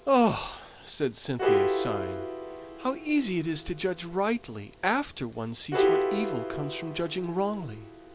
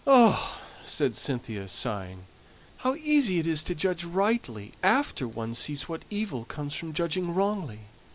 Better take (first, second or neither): second